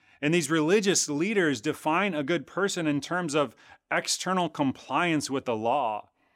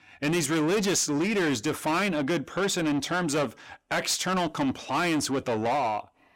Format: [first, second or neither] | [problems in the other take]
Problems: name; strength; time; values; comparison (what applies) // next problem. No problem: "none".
first | distortion; heavy; 8 dB below the speech